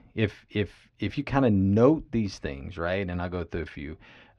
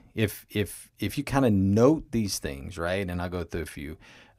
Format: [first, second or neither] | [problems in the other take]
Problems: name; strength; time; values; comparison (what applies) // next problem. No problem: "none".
second | muffled; slightly; fading above 4 kHz